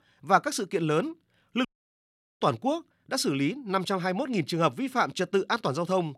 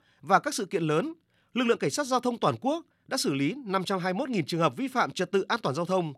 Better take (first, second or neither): second